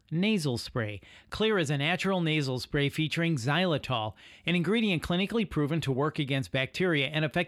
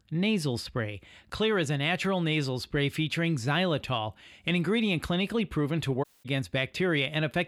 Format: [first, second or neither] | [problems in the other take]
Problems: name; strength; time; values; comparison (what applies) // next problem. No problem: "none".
first | audio cutting out; at 6 s